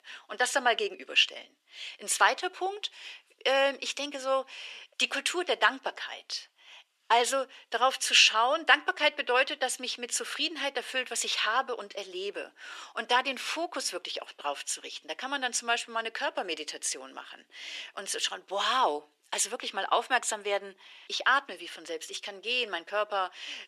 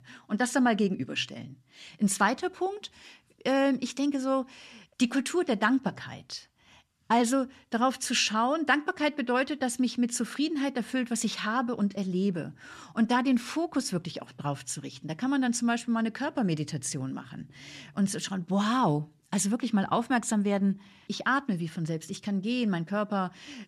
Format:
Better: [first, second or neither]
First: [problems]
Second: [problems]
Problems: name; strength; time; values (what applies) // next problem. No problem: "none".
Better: second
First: thin; very; fading below 400 Hz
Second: none